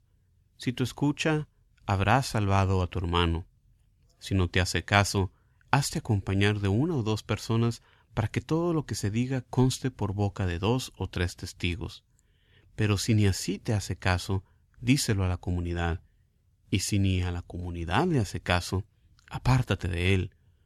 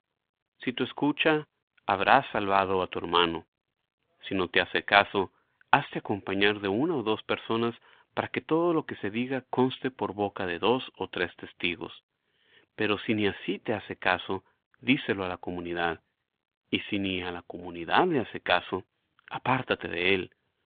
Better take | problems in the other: first | phone-call audio

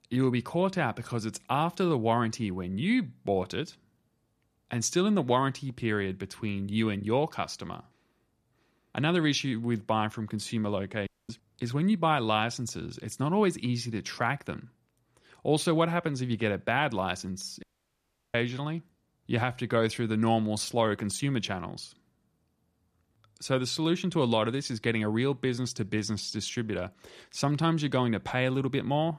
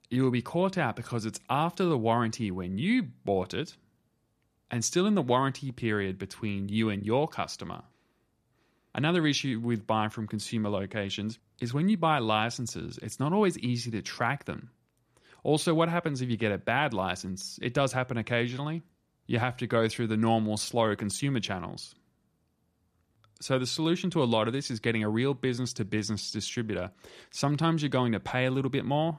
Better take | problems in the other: second | audio cutting out; at 11 s and at 18 s for 0.5 s

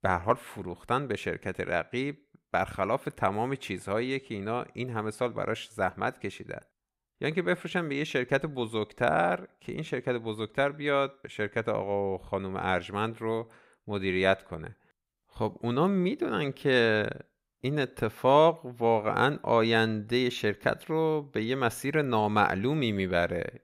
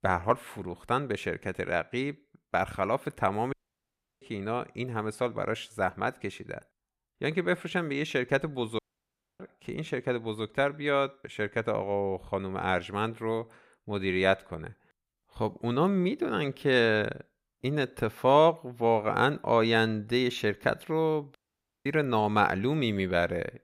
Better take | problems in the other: first | audio cutting out; at 3.5 s for 0.5 s, at 9 s for 0.5 s and at 21 s for 0.5 s

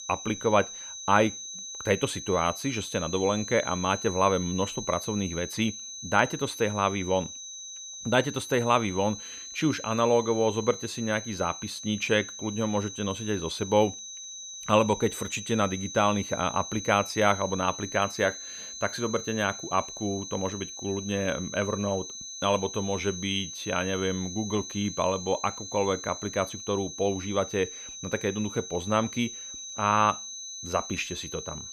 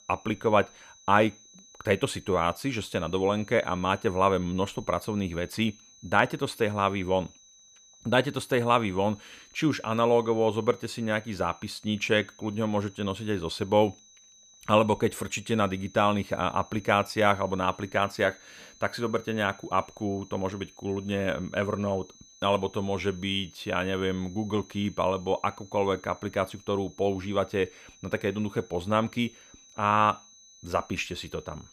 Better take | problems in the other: second | high-pitched whine; loud; throughout; 6 kHz, 9 dB below the speech; faint in the second

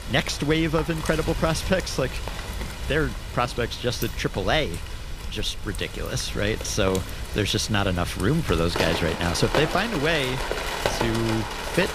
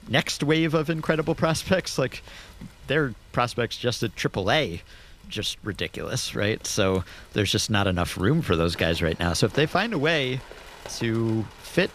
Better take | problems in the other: second | rain or running water; loud; throughout; 6 dB below the speech; faint in the second

